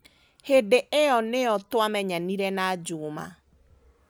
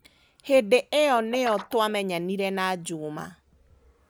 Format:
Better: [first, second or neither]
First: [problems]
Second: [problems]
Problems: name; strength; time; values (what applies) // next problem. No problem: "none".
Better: first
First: none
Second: background sound (Guitar); 19 dB below the speech